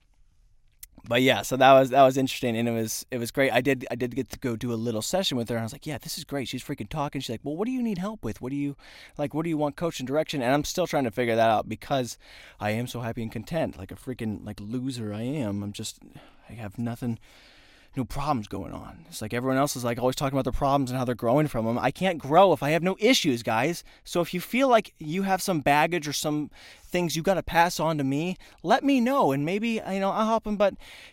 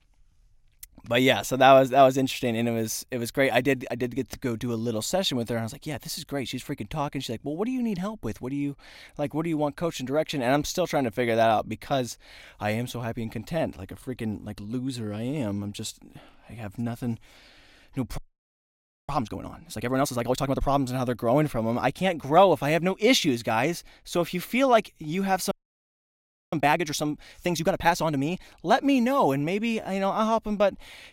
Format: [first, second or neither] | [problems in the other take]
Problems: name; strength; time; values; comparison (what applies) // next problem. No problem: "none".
first | audio freezing; at 18 s for 1 s and at 26 s for 1 s